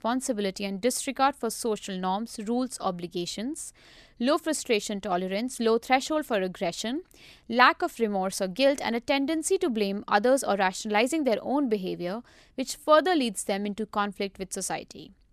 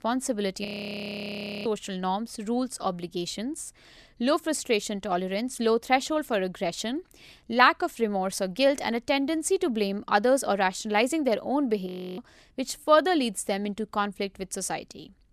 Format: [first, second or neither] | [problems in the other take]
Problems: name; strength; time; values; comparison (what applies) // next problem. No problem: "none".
first | audio freezing; at 0.5 s for 1 s and at 12 s